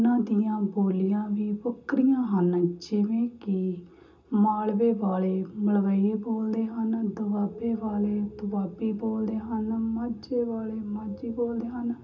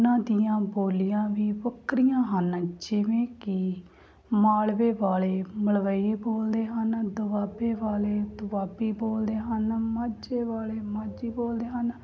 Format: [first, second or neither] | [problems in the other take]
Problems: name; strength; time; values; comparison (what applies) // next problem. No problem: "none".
second | room echo; dies away in 0.2 s